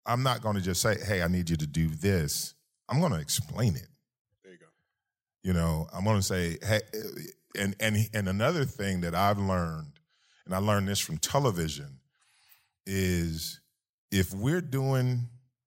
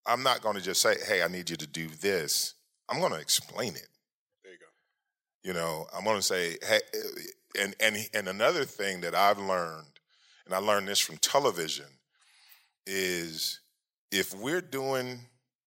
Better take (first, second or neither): first